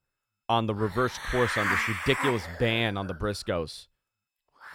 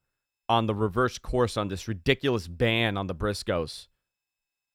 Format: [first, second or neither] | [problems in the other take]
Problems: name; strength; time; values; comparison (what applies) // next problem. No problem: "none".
second | hiss; loud; throughout; 1 dB below the speech